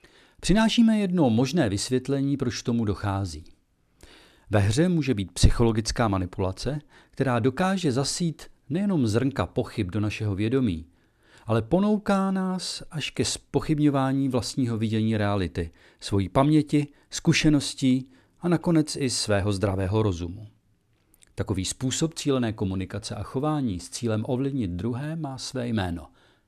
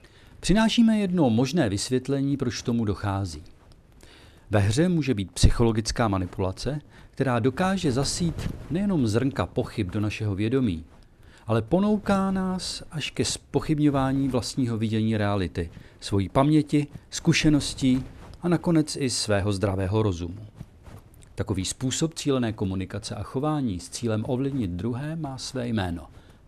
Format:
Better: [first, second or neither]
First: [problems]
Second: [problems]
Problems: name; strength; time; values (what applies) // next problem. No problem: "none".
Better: first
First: none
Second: wind noise on the microphone; occasional gusts; 25 dB below the speech